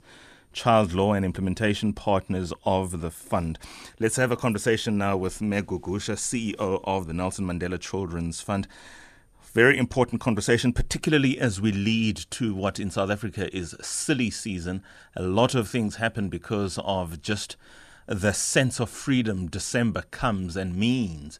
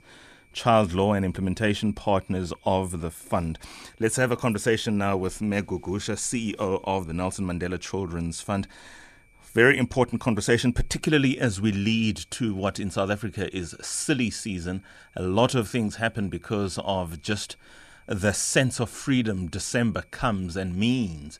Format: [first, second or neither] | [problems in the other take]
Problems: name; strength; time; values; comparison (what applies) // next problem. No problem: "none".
first | high-pitched whine; faint; throughout; 2.5 kHz, 35 dB below the speech